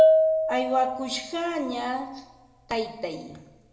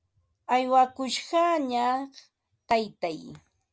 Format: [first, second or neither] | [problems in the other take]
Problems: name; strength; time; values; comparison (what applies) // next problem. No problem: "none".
second | background sound (Bell / Percussion); 4 dB above the speech // room echo; dies away in 0.9 s